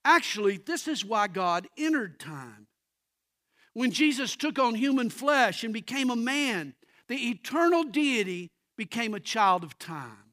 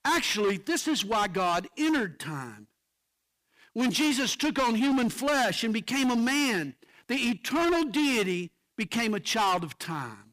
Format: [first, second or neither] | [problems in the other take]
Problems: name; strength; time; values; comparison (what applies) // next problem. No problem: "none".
first | distortion; heavy; 17% of the sound clipped